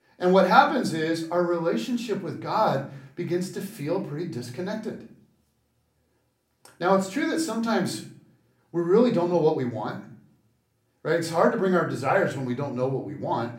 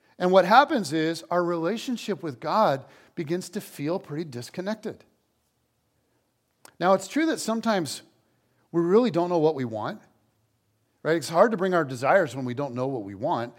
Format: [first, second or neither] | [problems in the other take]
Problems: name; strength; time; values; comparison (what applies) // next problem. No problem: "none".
second | room echo; slight; dies away in 0.4 s // off-mic speech; somewhat distant